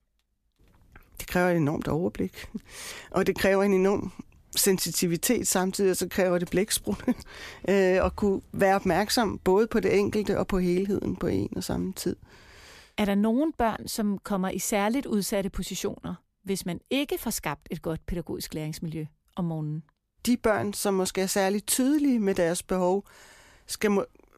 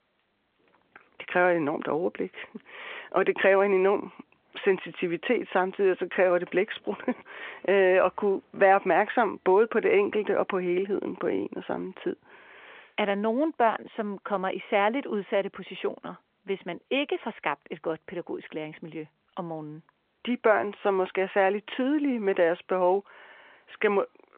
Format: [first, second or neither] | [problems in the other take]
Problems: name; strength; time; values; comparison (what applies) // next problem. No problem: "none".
first | phone-call audio